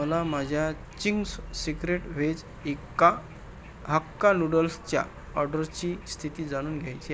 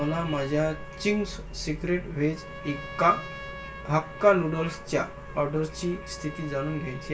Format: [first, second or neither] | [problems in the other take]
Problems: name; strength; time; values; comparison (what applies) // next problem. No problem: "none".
first | background sound (Trumpet); 15 dB below the speech // room echo; dies away in 0.2 s